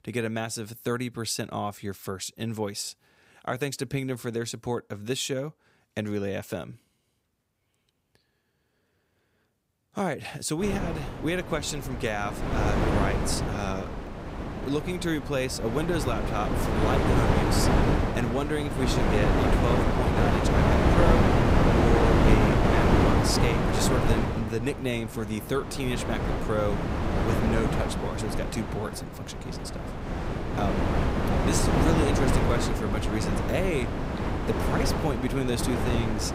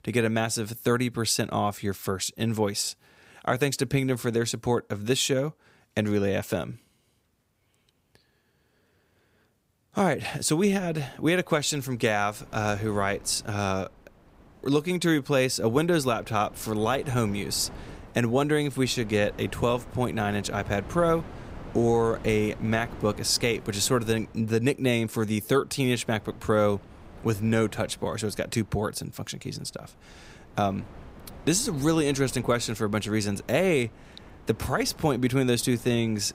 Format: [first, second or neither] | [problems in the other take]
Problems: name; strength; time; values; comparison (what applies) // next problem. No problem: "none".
second | wind noise on the microphone; heavy; from 11 s on; 3 dB above the speech; occasional gusts in the second